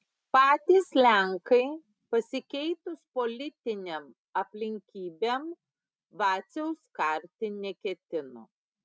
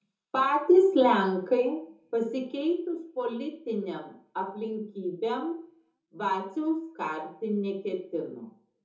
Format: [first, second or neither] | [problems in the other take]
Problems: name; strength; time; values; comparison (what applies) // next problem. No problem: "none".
first | room echo; dies away in 0.6 s